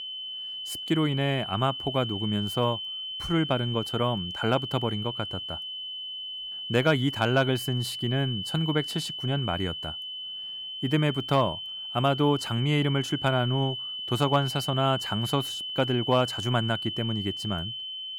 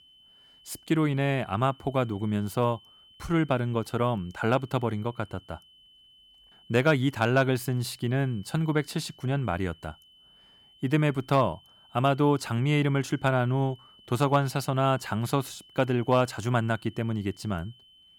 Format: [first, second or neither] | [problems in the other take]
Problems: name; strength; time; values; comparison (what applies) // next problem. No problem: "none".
second | high-pitched whine; loud; throughout; 3 kHz, 5 dB below the speech; faint in the second